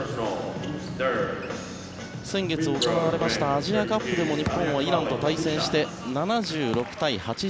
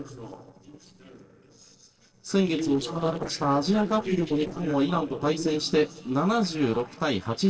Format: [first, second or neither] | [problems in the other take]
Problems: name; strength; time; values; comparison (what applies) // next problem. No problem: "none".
first | noise reduction (neural separator model SepFormer DNS4)